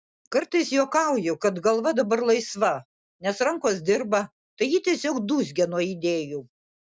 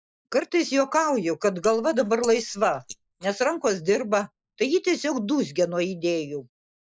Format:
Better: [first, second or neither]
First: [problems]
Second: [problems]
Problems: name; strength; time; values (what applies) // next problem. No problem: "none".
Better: first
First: none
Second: noise reduction (neural mask model Resemble Enhance denoiser)